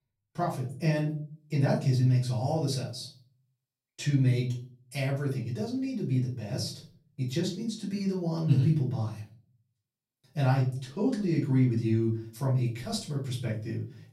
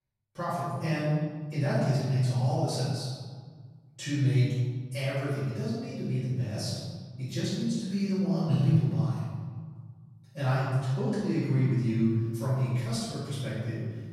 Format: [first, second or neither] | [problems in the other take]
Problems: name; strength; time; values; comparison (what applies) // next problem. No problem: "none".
first | room echo; strong; dies away in 1.6 s; slight in the first // off-mic speech; far; far in the first